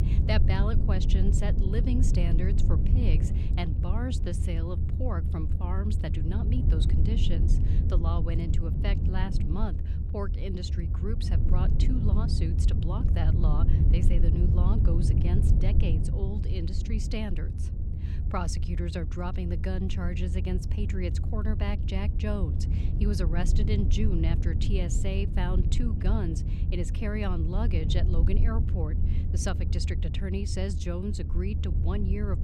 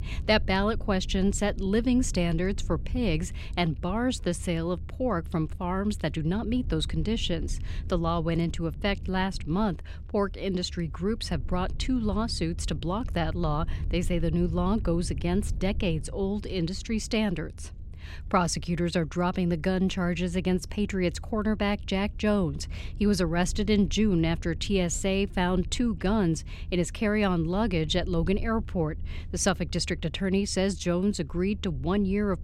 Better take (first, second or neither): second